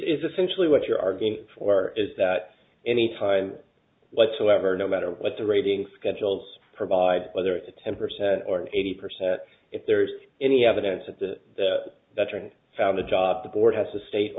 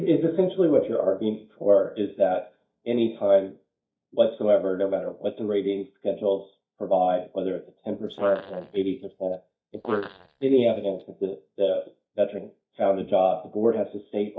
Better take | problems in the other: first | noise reduction (neural mask model DeepFilterNet 3)

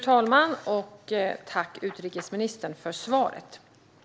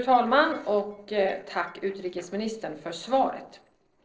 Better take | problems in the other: first | noise reduction (neural separator model SepFormer DNS4)

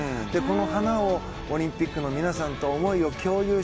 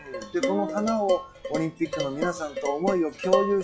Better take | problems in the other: first | noise reduction (classical method log-MMSE)

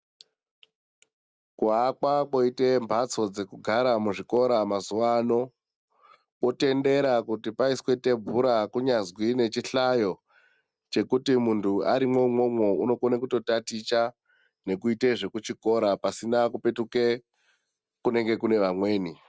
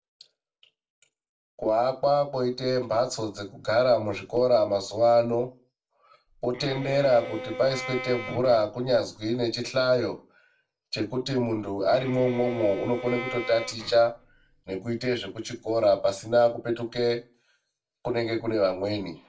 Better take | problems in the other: first | background sound (Bowed string instrument); 12 dB below the speech // room echo; dies away in 0.2 s

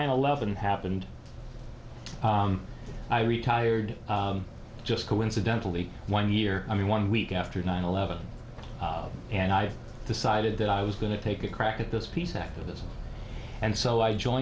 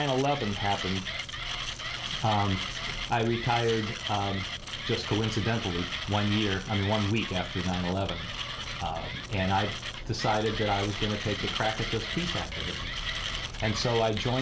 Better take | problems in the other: first | background sound (Mechanisms); 6 dB below the speech

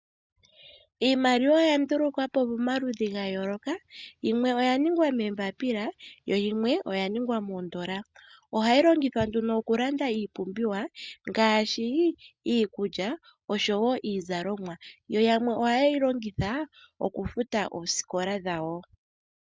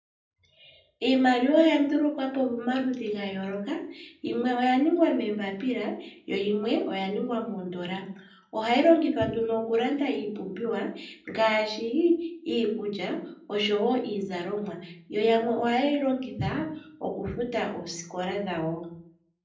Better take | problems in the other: first | room echo; dies away in 0.6 s

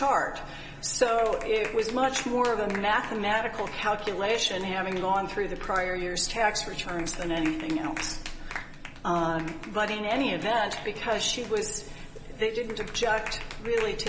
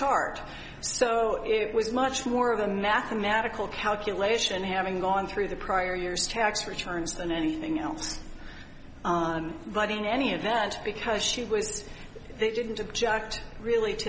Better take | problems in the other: second | background sound (Clapping); 15 dB below the speech // room echo; dies away in 1.8 s

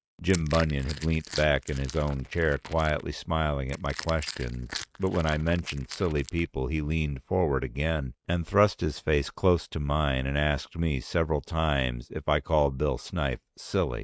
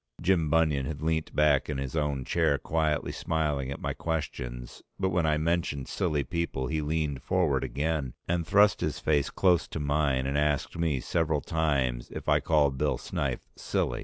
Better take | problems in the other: second | noise reduction (neural mask model RNNoise)

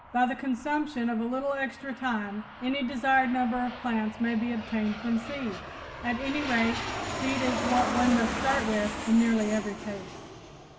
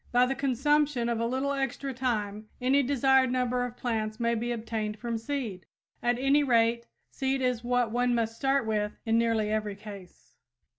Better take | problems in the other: second | background sound (Aircraft); 7 dB below the speech // room echo; dies away in 1.5 s

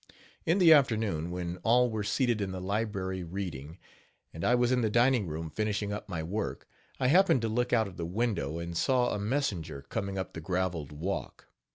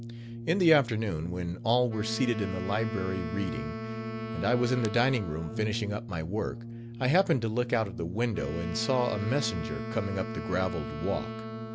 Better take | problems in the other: first | background sound (Brass instrument + Wind instrument, woodwind instrument); 7 dB below the speech

